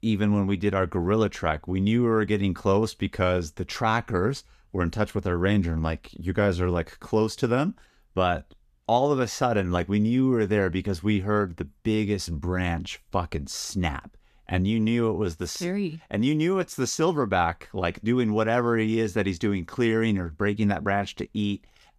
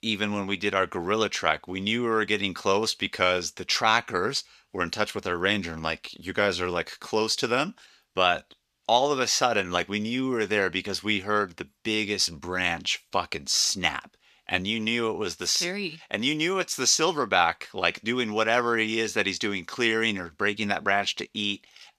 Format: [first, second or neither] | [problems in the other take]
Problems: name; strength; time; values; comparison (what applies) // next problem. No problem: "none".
first | thin; somewhat; fading below 700 Hz